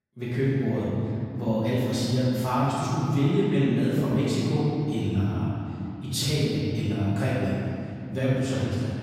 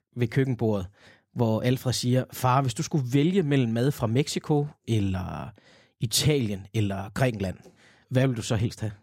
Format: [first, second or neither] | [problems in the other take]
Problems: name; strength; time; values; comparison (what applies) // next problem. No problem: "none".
second | off-mic speech; far // room echo; strong; dies away in 3 s